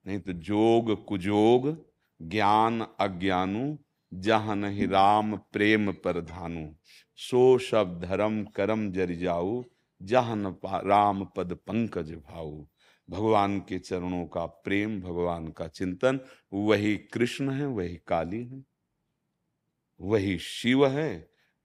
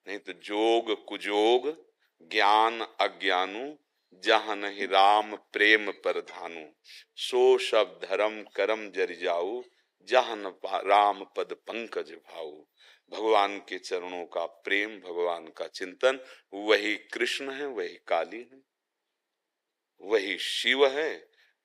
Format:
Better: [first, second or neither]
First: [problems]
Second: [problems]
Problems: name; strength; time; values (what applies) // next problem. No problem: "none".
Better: first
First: none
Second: thin; very; fading below 400 Hz